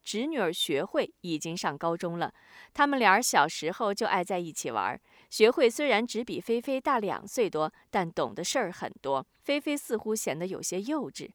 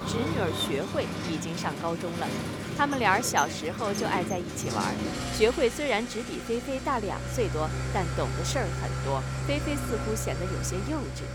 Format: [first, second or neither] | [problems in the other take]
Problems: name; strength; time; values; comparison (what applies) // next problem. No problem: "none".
first | traffic noise; loud; throughout; 3 dB below the speech